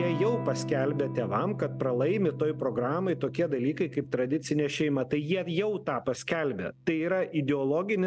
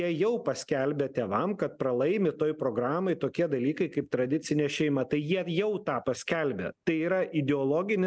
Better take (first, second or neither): second